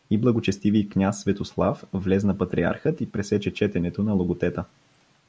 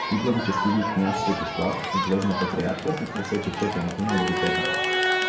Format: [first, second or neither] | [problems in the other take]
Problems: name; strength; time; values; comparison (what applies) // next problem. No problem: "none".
first | background sound (Crowd); 1 dB below the speech // room echo; dies away in 0.5 s